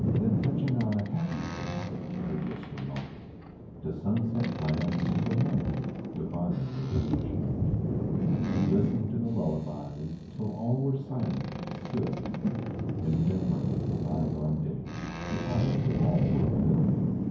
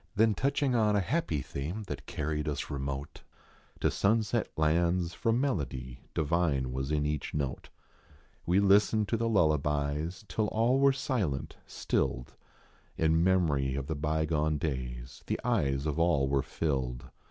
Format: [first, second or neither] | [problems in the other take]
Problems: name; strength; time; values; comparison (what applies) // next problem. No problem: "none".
second | background sound (Boat, Water vehicle); 1 dB above the speech // room echo; dies away in 0.9 s